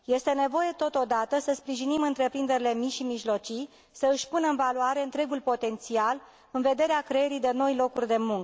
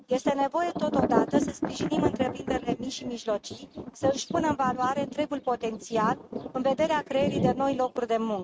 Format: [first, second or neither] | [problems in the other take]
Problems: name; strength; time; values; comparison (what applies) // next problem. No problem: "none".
first | noise reduction (neural mask model RNNoise)